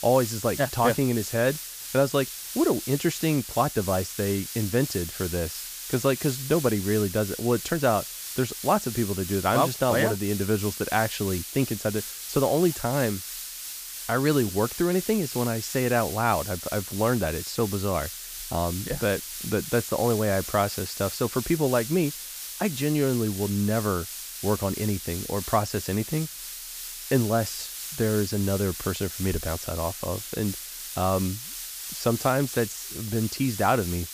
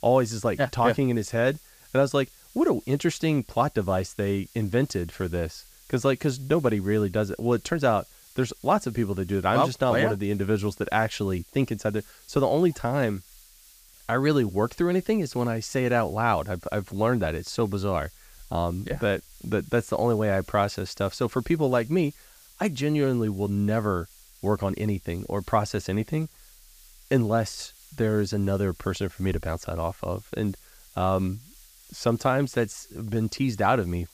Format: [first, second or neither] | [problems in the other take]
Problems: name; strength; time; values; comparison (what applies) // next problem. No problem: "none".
second | hiss; loud; throughout; 7 dB below the speech; faint in the second